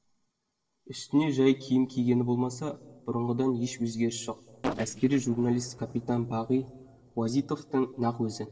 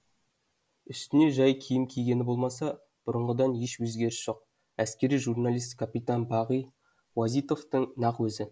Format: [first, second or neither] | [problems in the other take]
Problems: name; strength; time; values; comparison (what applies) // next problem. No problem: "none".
second | noise reduction (neural separator model SepFormer DNS4)